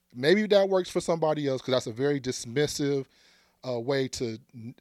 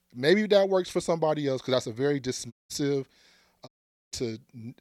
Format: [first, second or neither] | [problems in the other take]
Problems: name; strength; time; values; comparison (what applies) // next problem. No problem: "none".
first | audio cutting out; at 2.5 s and at 3.5 s